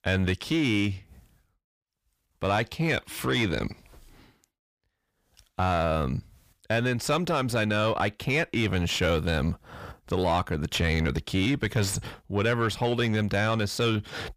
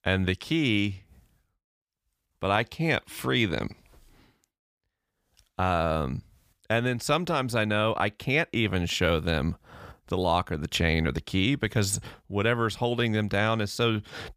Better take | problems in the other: second | distortion; slight; 10 dB below the speech

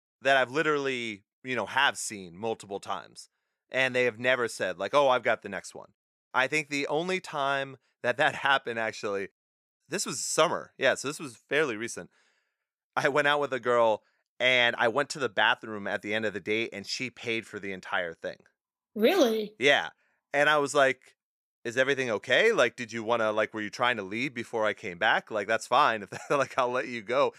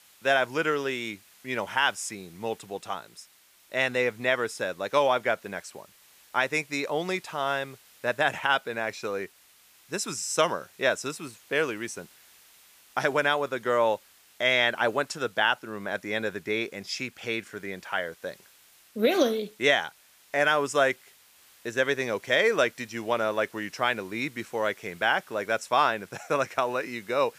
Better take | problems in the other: first | hiss; faint; throughout; 25 dB below the speech

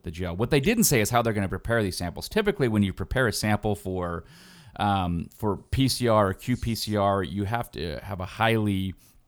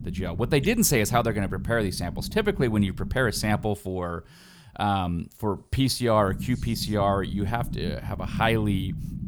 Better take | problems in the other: first | low rumble; noticeable; until 3.5 s and from 6 s on; 20 dB below the speech

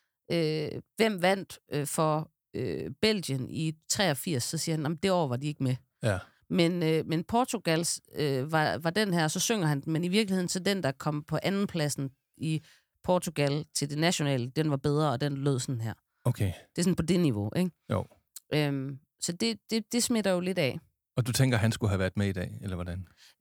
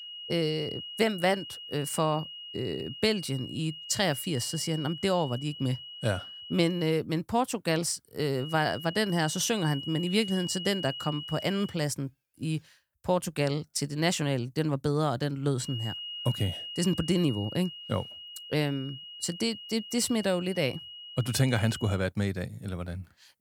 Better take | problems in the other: first | high-pitched whine; loud; until 7 s, from 8.5 to 12 s and from 16 to 22 s; 3 kHz, 10 dB below the speech

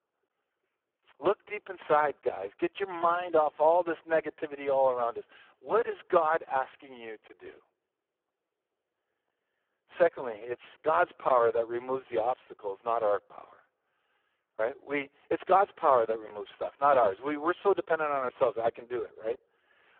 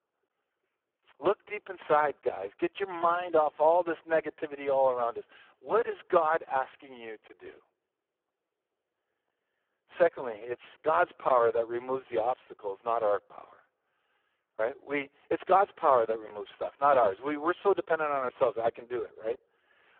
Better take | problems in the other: neither | phone-call audio; poor line; the same in both

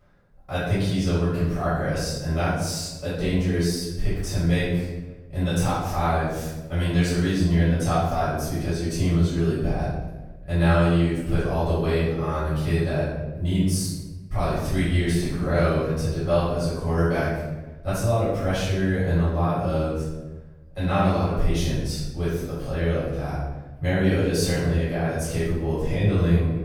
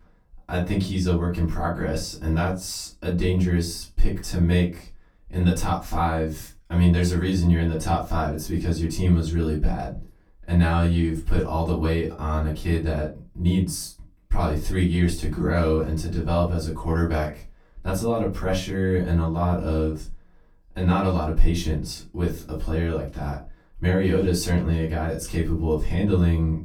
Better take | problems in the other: second | room echo; strong; dies away in 1.1 s; slight in the second // off-mic speech; far; far in the second

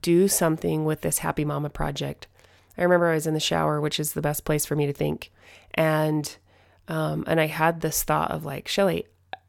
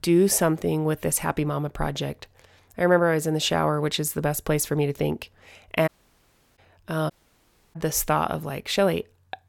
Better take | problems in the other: first | audio cutting out; at 6 s for 0.5 s and at 7 s for 0.5 s

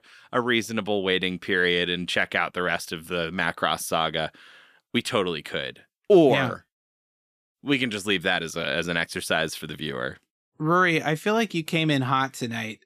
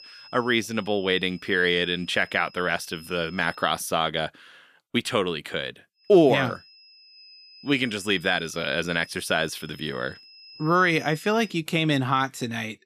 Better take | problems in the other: first | high-pitched whine; faint; until 3.5 s and from 6 to 12 s; 5 kHz, 20 dB below the speech

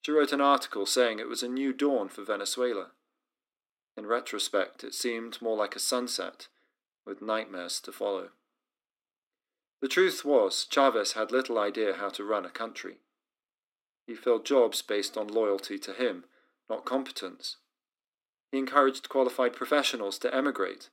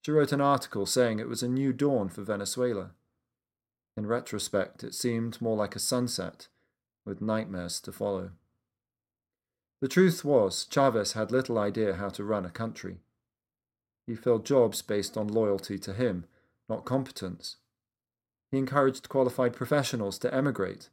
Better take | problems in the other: second | thin; very slightly; fading below 300 Hz

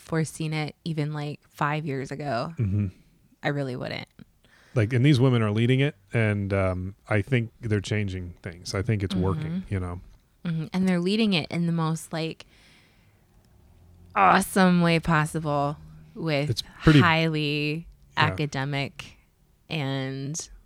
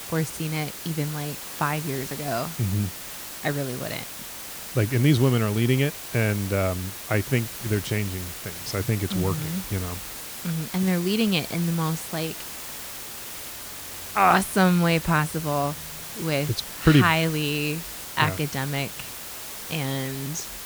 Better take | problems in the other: first | hiss; loud; throughout; 8 dB below the speech

